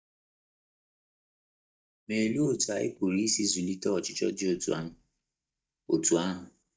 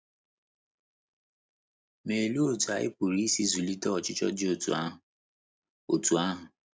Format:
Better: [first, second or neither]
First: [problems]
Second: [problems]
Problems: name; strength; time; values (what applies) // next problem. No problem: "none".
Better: second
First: noise reduction (neural mask model DeepFilterNet 3)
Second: none